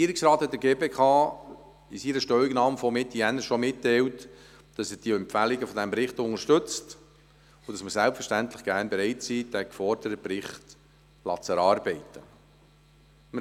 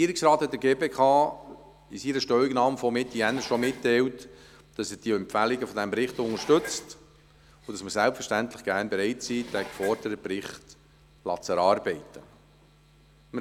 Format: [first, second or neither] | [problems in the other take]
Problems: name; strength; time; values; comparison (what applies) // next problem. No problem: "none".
first | background sound (Dishes, pots, and pans); 20 dB below the speech